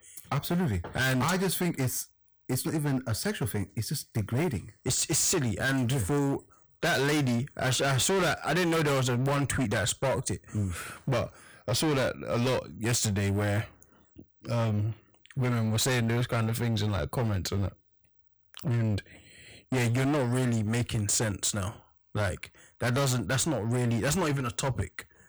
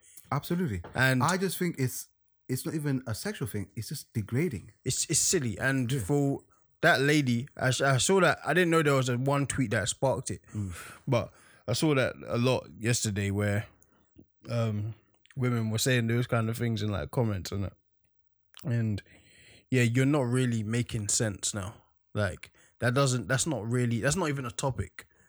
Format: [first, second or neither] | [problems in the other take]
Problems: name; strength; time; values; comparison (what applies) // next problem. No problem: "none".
second | distortion; heavy; 21% of the sound clipped